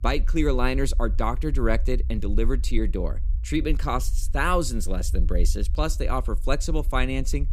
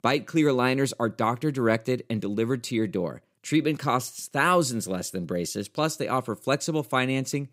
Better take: second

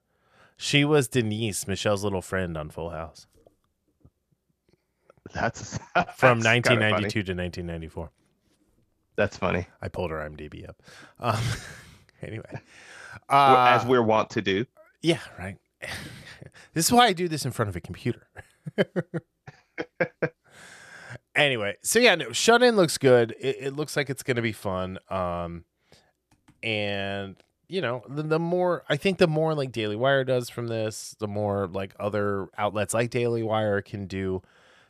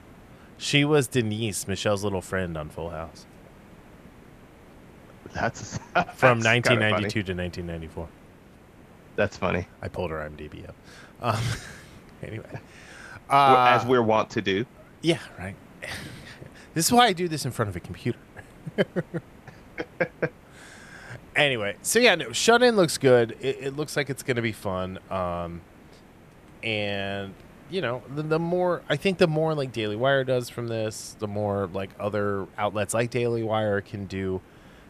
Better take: first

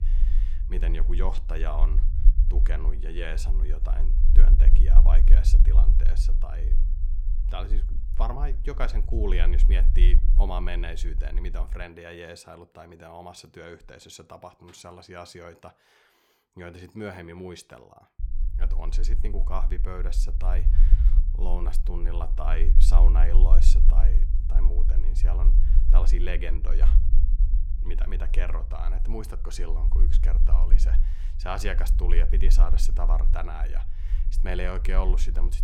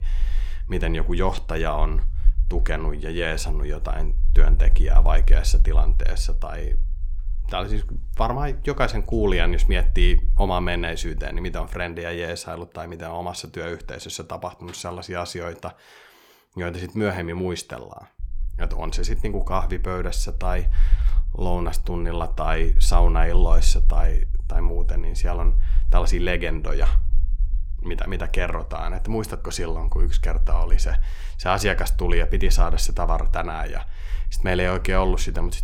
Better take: second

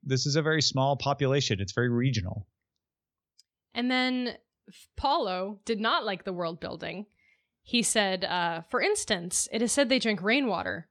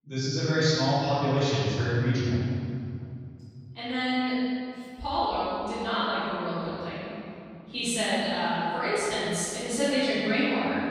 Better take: first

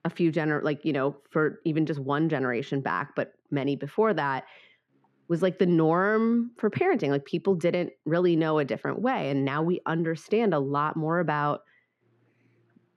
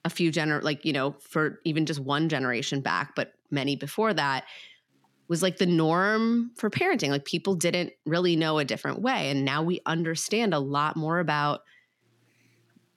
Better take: second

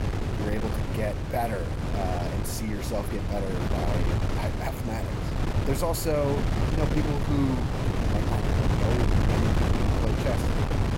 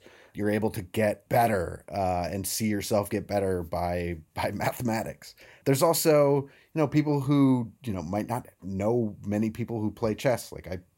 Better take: second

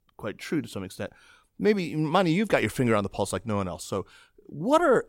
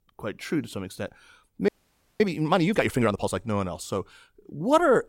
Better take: first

